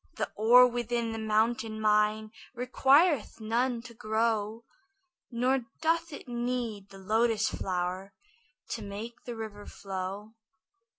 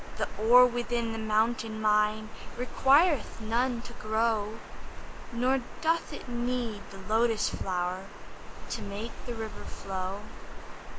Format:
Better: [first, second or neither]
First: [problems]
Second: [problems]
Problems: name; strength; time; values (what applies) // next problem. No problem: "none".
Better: first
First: none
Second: background sound (Water); 4 dB below the speech